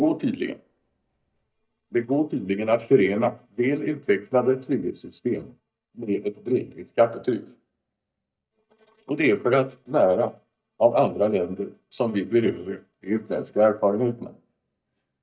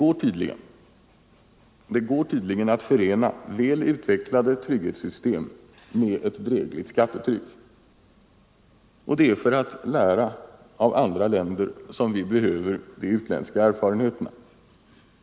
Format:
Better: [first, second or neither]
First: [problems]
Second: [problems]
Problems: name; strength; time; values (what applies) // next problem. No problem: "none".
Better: second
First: noise reduction (neural mask model DeepFilterNet 3)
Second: none